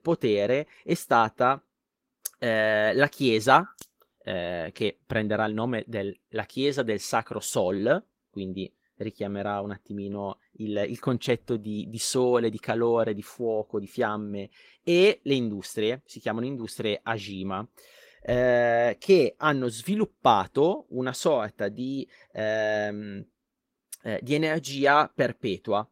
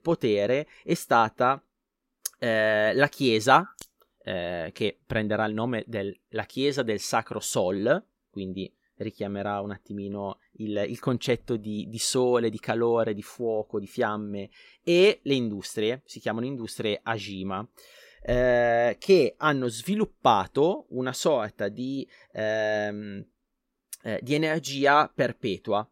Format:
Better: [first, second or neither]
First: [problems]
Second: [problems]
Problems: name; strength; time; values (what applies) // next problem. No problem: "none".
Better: second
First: garbled, watery; slightly; nothing above 16 kHz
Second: none